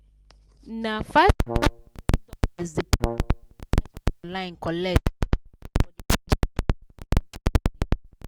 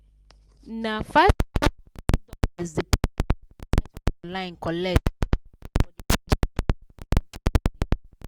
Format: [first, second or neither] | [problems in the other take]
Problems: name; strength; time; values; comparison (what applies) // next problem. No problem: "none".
second | background sound (Brass instrument); 14 dB below the speech